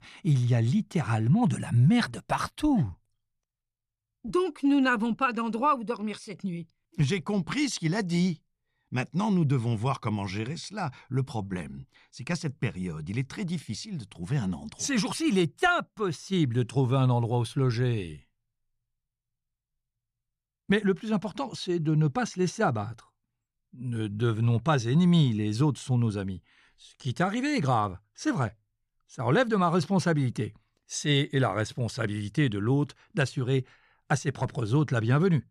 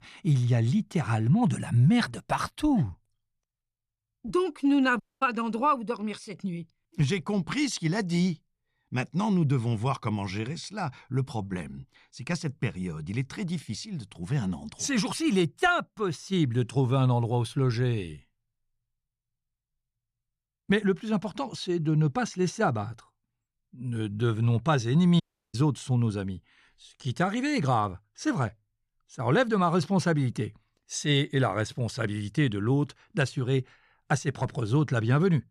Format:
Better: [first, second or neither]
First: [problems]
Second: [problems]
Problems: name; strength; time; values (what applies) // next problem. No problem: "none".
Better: first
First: none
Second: audio cutting out; at 5 s and at 25 s